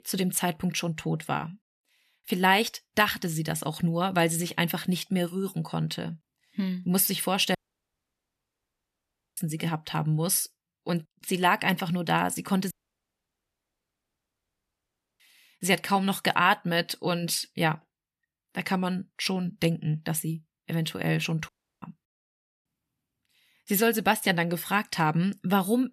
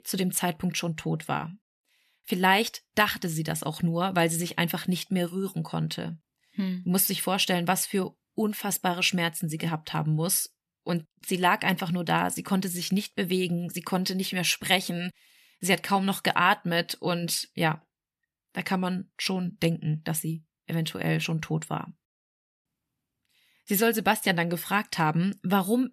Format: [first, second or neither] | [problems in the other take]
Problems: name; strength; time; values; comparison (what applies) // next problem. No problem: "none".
second | audio cutting out; at 7.5 s for 2 s, at 13 s for 2.5 s and at 21 s